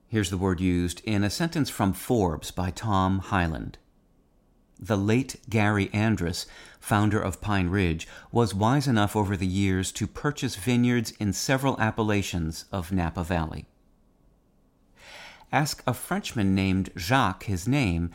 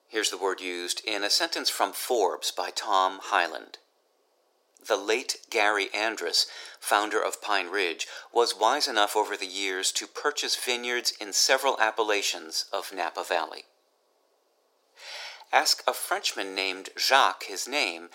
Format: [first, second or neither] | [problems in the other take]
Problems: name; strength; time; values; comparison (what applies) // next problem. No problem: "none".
first | thin; very; fading below 400 Hz